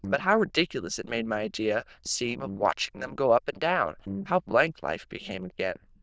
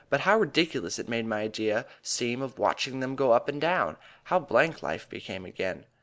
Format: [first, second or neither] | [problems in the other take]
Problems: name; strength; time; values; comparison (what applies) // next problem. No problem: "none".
second | noise reduction (neural diffusion model UNIVERSE++)